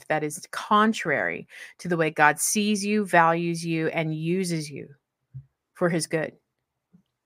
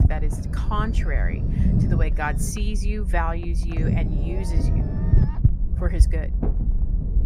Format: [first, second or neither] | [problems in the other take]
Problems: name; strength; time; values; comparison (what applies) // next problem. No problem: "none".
first | low rumble; loud; throughout; 5 dB below the speech